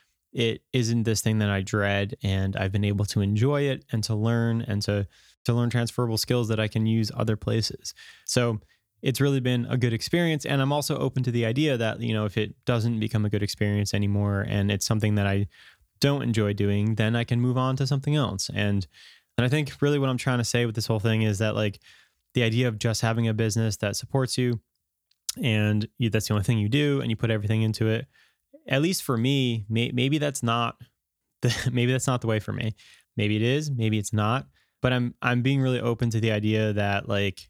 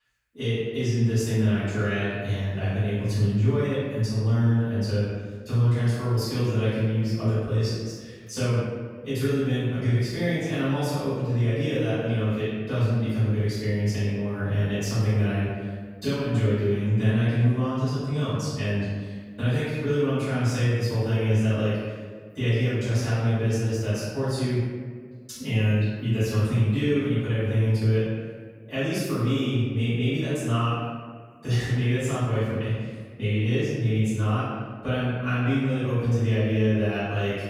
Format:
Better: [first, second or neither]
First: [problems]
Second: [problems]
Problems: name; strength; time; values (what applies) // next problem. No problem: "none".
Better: first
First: none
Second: room echo; strong; dies away in 1.5 s // off-mic speech; far